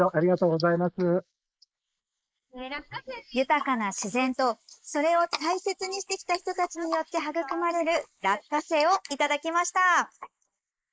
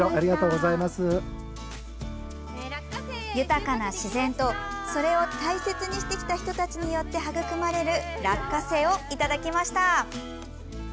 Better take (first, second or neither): second